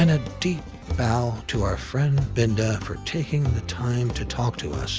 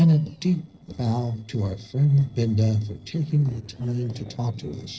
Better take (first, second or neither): first